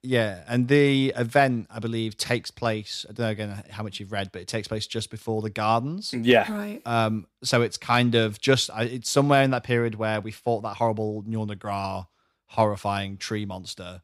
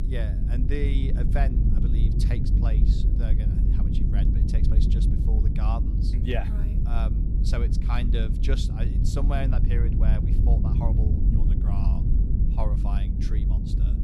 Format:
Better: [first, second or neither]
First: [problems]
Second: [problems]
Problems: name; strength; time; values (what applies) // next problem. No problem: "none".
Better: first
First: none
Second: low rumble; loud; throughout; 1 dB below the speech